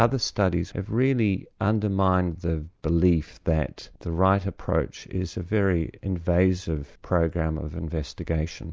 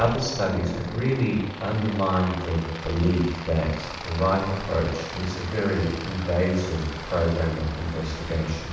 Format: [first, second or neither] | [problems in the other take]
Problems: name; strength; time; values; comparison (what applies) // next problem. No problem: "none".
first | background sound (Aircraft); 12 dB below the speech // room echo; dies away in 0.7 s